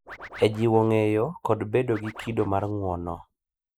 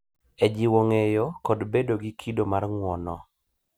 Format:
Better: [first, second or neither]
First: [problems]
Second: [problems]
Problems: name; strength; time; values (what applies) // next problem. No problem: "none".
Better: second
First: noise reduction (neural mask model Resemble Enhance denoiser)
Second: none